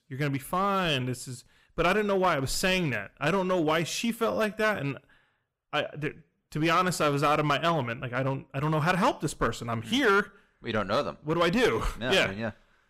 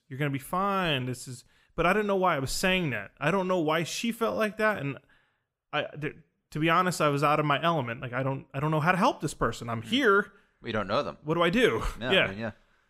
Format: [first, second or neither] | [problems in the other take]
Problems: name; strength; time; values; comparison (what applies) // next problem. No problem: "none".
second | distortion; slight; 5% of the sound clipped